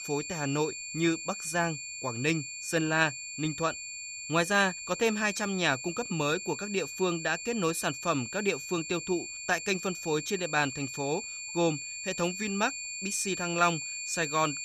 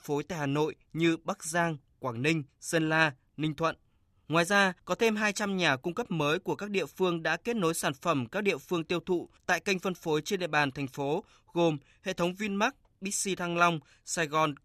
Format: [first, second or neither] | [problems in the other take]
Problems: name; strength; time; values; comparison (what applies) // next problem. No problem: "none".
second | high-pitched whine; loud; throughout; 2.5 kHz, 6 dB below the speech